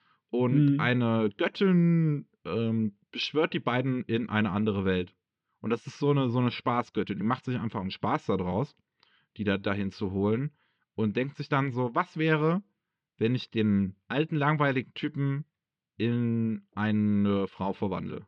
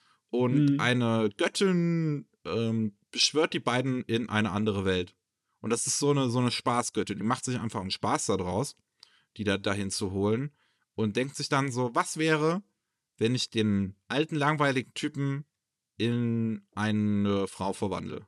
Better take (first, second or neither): second